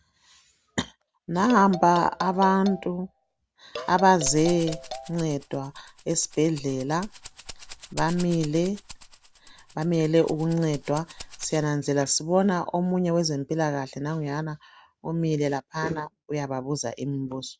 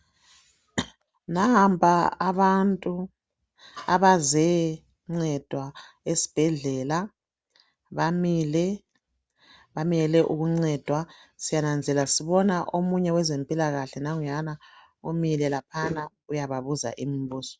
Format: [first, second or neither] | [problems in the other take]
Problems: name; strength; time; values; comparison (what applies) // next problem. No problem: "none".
second | background sound (Rattle (instrument) + Marimba, xylophone); 14 dB below the speech